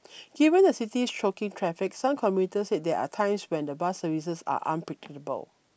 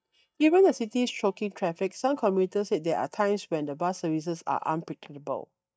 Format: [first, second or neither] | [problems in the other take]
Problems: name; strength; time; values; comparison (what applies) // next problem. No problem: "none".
first | noise reduction (neural mask model DeepFilterNet 3)